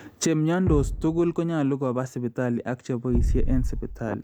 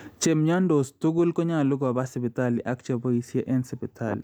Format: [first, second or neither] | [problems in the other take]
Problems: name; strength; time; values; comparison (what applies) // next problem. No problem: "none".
second | background sound (Thump, thud); 3 dB below the speech